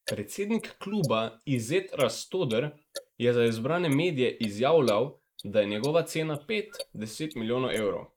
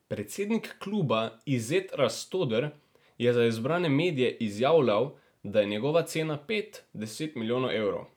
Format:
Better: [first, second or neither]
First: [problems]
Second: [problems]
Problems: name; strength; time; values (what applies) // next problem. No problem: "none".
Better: second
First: noise reduction (neural mask model Resemble Enhance denoiser)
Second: none